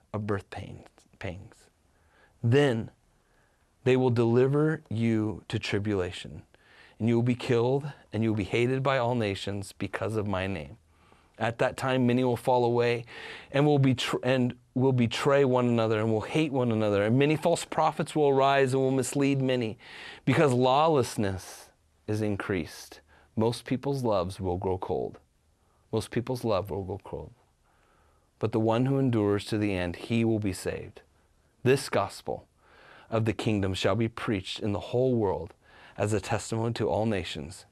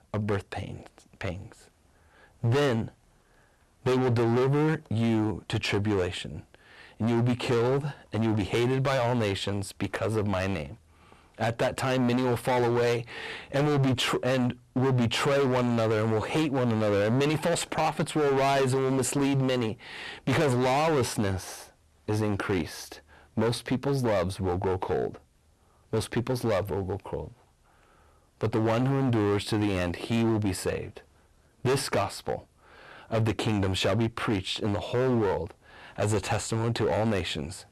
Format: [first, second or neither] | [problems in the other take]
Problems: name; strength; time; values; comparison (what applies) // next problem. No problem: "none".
first | distortion; heavy; 15% of the sound clipped